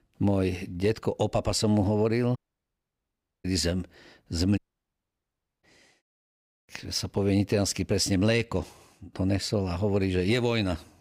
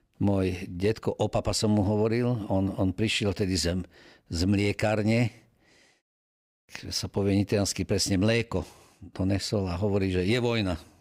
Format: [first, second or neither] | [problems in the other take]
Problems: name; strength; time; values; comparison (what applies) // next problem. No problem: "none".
second | audio cutting out; at 2.5 s for 1 s and at 4.5 s for 1 s